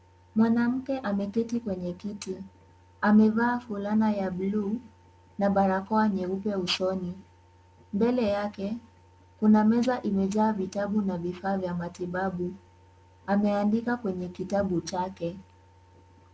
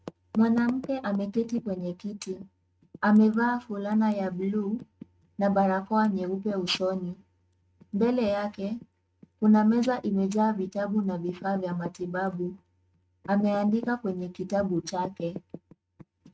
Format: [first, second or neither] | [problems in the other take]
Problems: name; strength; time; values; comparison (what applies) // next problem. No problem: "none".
first | noise reduction (neural mask model RNNoise)